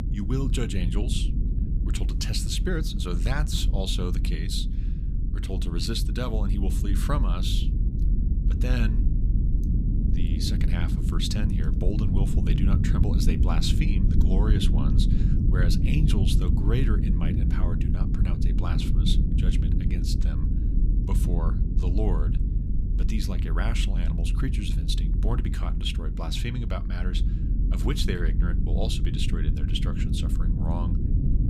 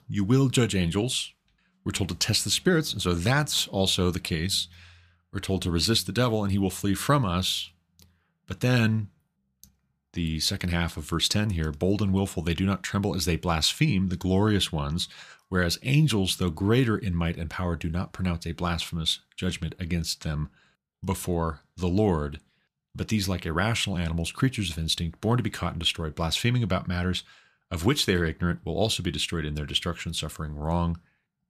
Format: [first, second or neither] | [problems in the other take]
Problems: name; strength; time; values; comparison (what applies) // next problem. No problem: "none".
second | low rumble; loud; throughout; 4 dB below the speech